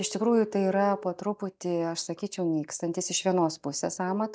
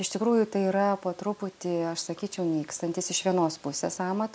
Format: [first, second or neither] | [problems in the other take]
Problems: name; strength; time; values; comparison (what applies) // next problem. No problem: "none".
second | noise reduction (neural mask model DeepFilterNet 3)